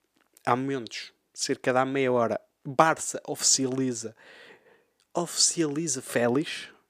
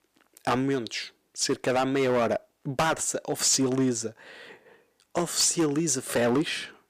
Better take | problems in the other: first | distortion; heavy; 8% of the sound clipped

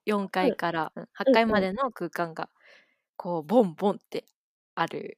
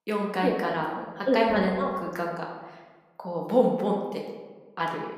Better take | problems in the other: first | room echo; noticeable; dies away in 1.1 s // off-mic speech; somewhat distant

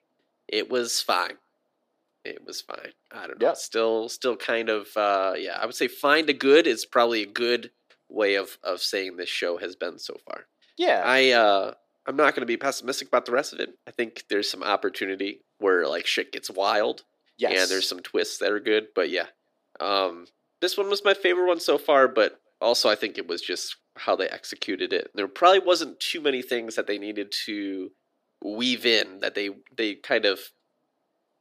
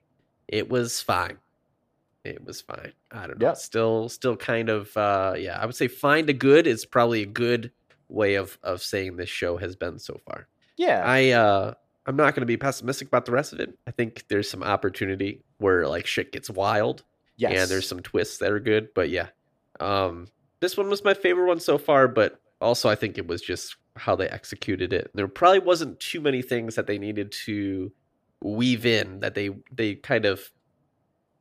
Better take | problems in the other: second | thin; very slightly; fading below 300 Hz

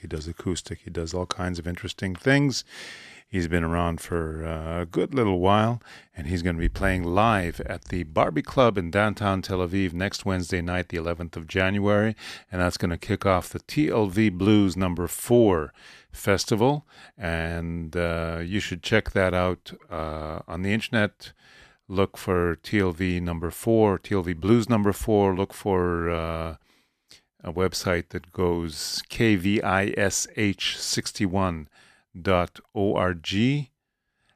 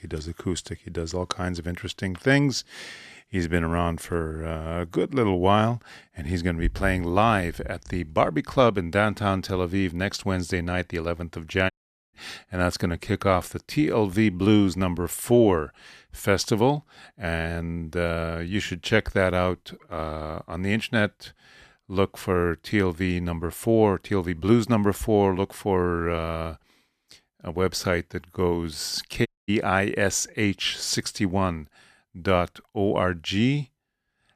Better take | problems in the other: first | audio cutting out; at 12 s and at 29 s

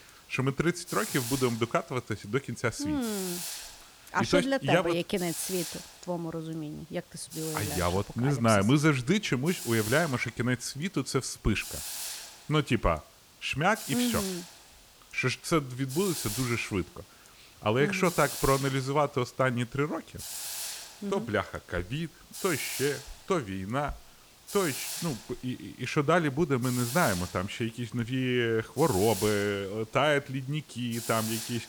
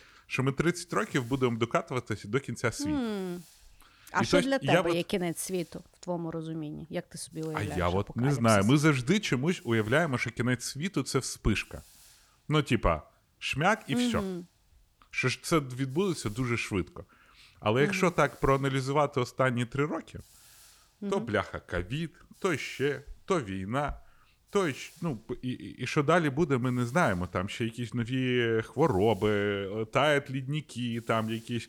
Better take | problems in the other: second | hiss; loud; throughout; 7 dB below the speech; faint in the second

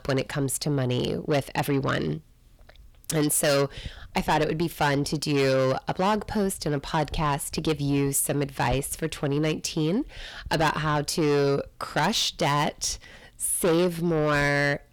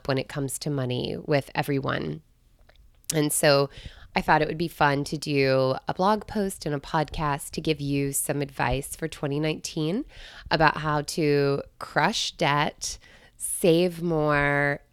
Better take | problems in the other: second | distortion; heavy; 8 dB below the speech

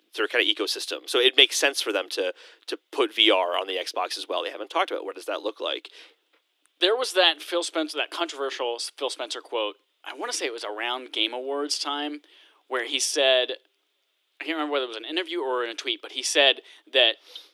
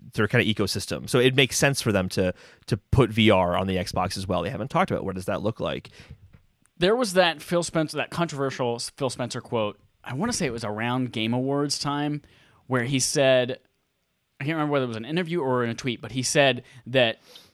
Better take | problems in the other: second | thin; very; fading below 300 Hz

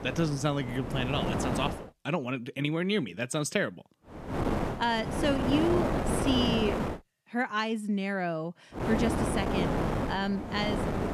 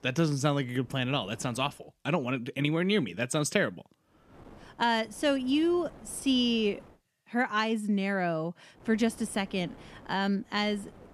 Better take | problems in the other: second | wind noise on the microphone; heavy; until 2 s, from 4 to 7 s and from 9 s on; 1 dB below the speech; occasional gusts in the second

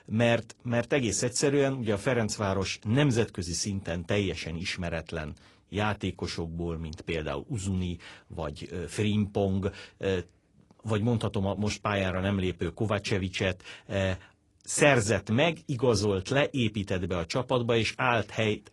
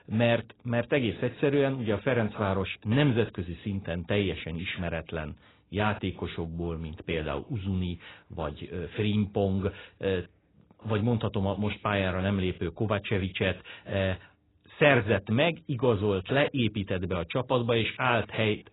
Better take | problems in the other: first | garbled, watery; badly; nothing above 4 kHz; slightly in the first

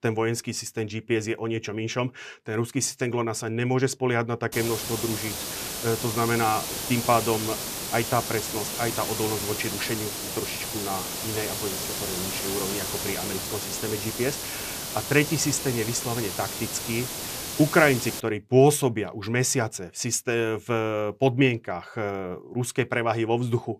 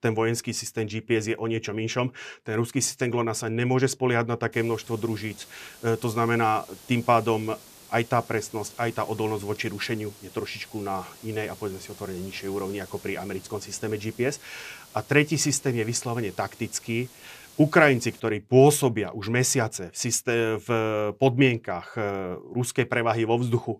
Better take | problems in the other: second | hiss; loud; from 4.5 to 18 s; 3 dB below the speech; faint in the second

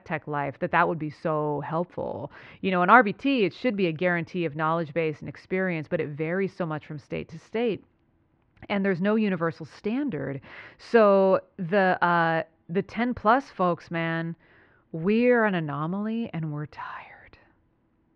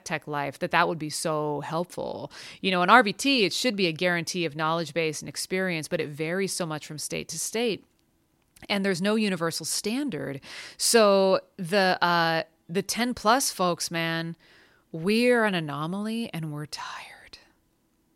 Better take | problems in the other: second | muffled; very; fading above 2 kHz

